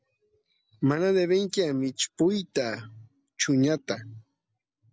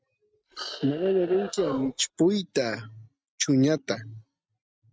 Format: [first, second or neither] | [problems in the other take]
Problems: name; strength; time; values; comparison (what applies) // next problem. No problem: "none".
first | noise reduction (neural mask model RNNoise)